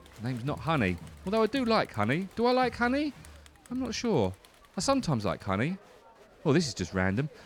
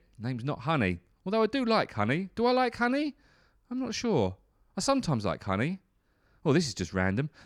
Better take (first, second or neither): second